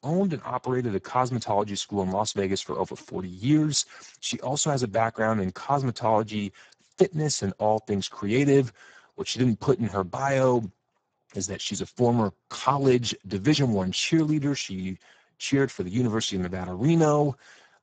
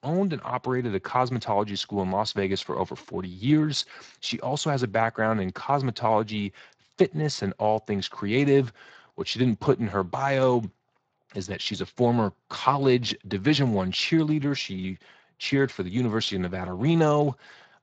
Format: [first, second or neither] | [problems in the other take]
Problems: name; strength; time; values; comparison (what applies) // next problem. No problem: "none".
second | garbled, watery; badly; nothing above 7.5 kHz; slightly in the second